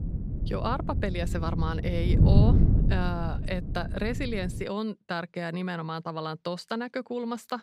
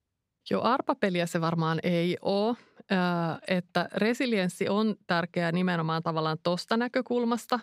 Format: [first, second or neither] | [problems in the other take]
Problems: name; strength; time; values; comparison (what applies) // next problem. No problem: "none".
second | wind noise on the microphone; heavy; until 4.5 s; 5 dB below the speech